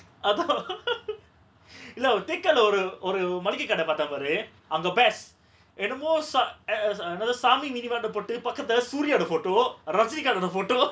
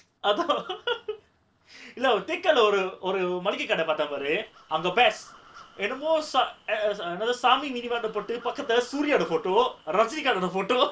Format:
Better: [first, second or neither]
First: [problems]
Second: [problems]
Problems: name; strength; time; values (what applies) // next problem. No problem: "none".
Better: first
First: none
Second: noise reduction (neural separator model SepFormer DNS4)